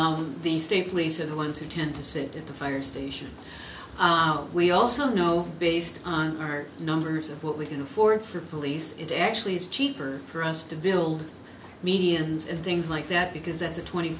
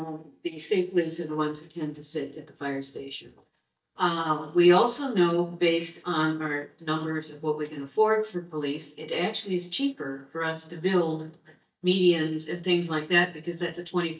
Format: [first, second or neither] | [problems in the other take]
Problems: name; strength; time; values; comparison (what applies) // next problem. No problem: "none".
first | noise reduction (neural mask model DeepFilterNet 3)